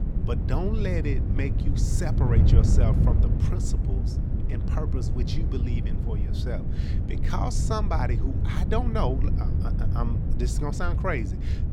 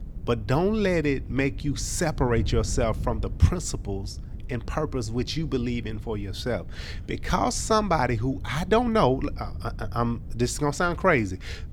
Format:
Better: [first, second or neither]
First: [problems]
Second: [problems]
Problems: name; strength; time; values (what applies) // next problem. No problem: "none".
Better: second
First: wind noise on the microphone; heavy; 5 dB below the speech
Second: wind noise on the microphone; occasional gusts; 25 dB below the speech